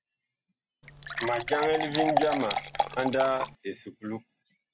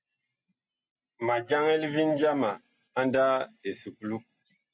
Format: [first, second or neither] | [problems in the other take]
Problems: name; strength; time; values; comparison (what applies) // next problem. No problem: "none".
second | background sound (Fill (with liquid) / Water); 1 dB below the speech